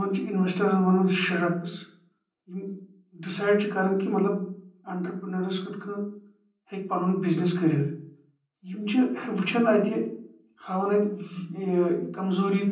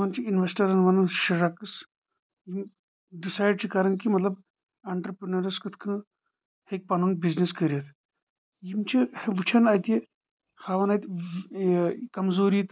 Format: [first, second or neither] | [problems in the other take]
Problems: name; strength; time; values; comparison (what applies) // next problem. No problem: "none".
second | room echo; dies away in 0.6 s